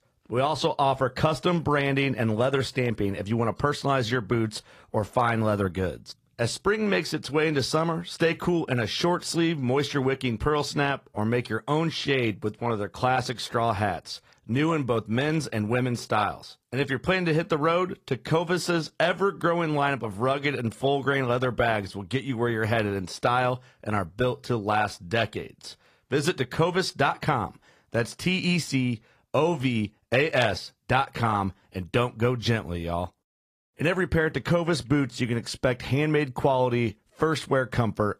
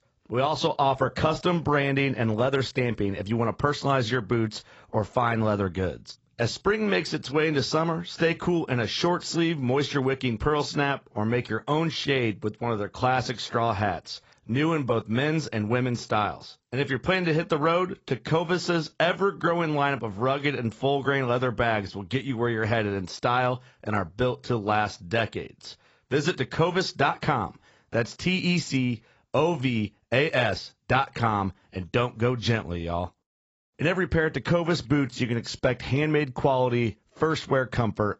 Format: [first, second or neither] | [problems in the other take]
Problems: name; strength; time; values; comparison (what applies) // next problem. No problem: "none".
first | garbled, watery; badly; nothing above 7.5 kHz; slightly in the first